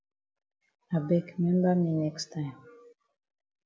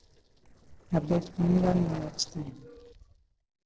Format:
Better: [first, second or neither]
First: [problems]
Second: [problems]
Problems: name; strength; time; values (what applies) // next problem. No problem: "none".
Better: first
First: none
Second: noise reduction (neural separator model SepFormer DNS4)